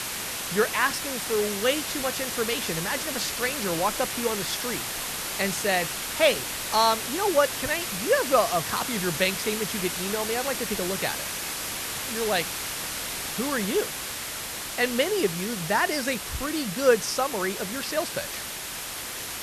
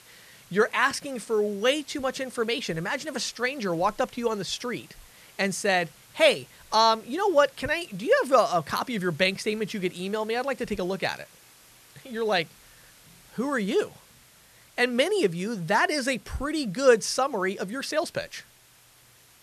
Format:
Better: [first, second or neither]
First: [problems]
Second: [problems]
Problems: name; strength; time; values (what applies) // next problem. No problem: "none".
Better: second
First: hiss; loud; throughout; 3 dB below the speech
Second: hiss; faint; throughout; 25 dB below the speech